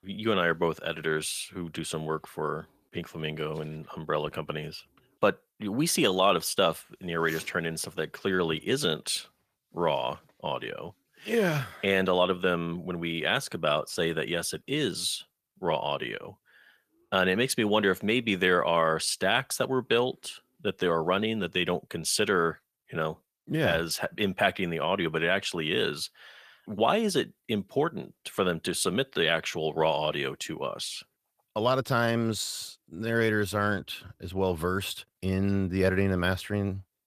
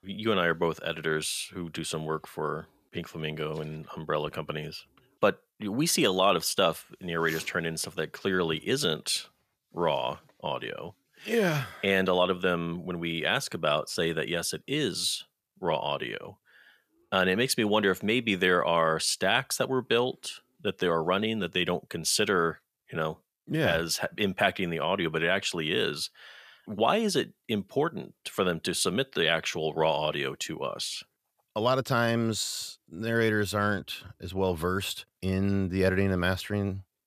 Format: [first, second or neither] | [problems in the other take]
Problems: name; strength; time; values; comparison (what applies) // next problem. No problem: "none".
second | garbled, watery; slightly; nothing above 14.5 kHz